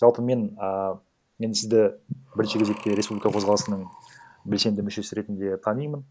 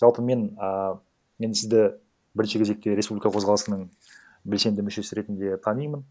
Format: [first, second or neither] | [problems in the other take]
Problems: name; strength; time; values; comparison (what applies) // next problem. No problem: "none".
second | background sound (Breathing); 14 dB below the speech